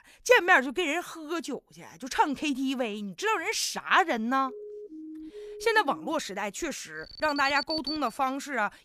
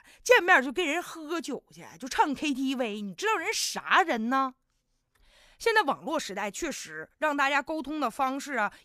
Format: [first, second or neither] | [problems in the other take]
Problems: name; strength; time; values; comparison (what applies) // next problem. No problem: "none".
second | siren; faint; from 4.5 to 6 s; peak 15 dB below the speech // alarm; noticeable; from 7 to 8 s; peak 5 dB below the speech